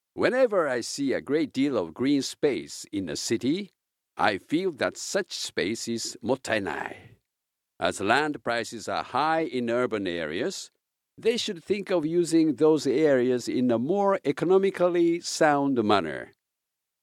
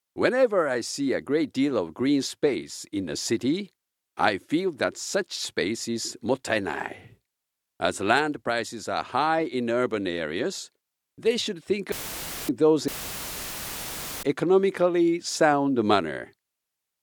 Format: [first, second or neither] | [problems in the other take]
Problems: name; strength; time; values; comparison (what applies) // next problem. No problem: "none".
first | audio cutting out; filled with static; at 12 s for 0.5 s and at 13 s for 1.5 s